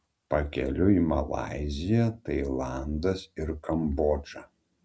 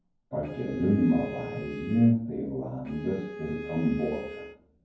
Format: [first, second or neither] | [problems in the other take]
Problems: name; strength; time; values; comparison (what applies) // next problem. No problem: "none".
first | background sound (Bowed string instrument); 13 dB below the speech // room echo; dies away in 0.9 s